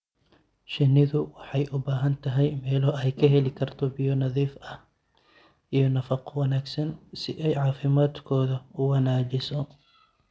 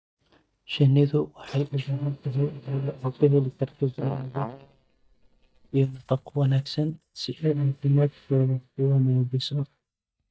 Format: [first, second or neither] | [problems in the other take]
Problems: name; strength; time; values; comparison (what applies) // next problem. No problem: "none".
first | noise reduction (neural mask model DeepFilterNet 3)